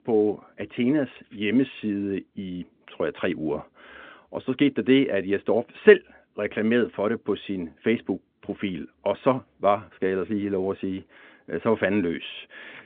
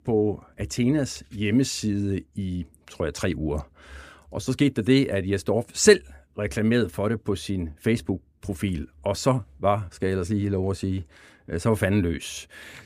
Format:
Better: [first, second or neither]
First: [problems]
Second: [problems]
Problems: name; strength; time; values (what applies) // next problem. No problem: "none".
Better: second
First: phone-call audio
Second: none